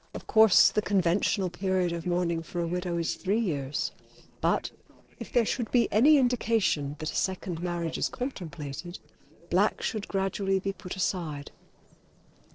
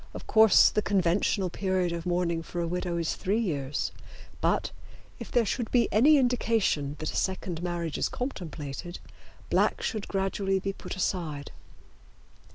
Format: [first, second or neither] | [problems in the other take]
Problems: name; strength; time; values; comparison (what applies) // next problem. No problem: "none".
second | noise reduction (neural separator model SepFormer DNS4)